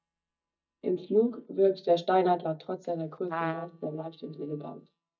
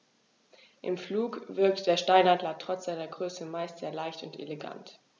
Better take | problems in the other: second | noise reduction (neural mask model DeepFilterNet 3)

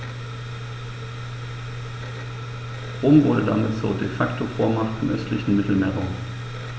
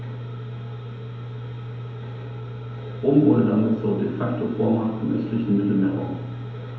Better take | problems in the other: first | room echo; dies away in 2.2 s

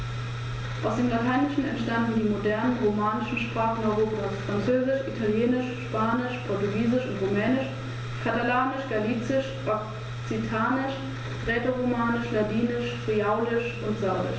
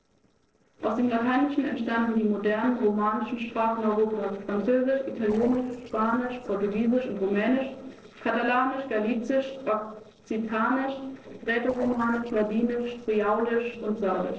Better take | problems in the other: first | noise reduction (neural separator model SepFormer DNS4)

